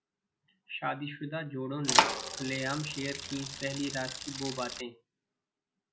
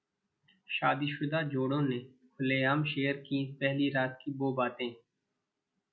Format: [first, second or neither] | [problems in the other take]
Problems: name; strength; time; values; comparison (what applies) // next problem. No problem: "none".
second | background sound (Bicycle); 5 dB above the speech